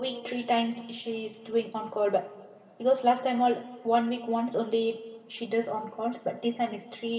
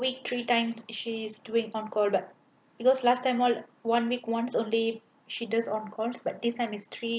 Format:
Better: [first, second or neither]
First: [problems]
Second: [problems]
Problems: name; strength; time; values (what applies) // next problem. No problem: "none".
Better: second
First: room echo; dies away in 1.6 s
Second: none